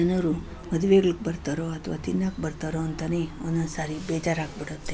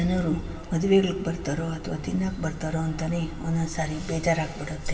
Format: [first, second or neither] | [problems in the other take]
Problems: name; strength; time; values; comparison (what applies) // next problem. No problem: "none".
first | background sound (Rattle); 17 dB below the speech // room echo; dies away in 2.6 s